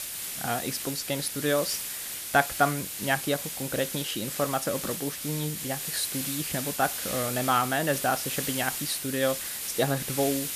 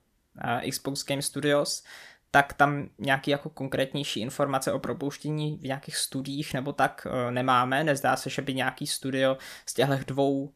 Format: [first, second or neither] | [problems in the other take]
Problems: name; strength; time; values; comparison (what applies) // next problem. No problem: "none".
second | hiss; loud; throughout; 3 dB below the speech